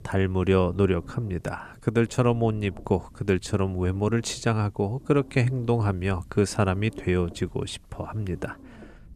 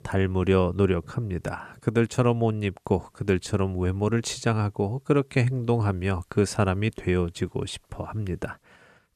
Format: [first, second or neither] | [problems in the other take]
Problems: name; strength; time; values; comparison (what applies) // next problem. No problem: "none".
second | low rumble; faint; throughout; 25 dB below the speech